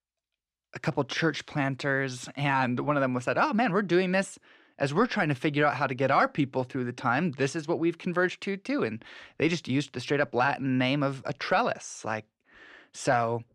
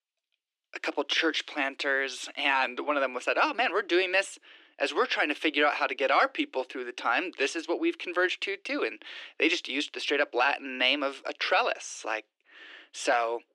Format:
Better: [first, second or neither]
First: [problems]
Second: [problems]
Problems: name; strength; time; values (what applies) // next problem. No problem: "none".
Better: first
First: none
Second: thin; somewhat; fading below 300 Hz